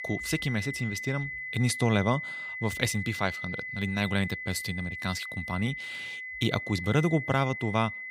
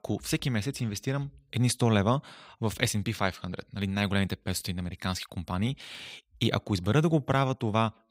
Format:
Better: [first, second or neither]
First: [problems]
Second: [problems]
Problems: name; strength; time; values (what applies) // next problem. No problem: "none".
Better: second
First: high-pitched whine; loud; throughout; 2 kHz, 6 dB below the speech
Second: none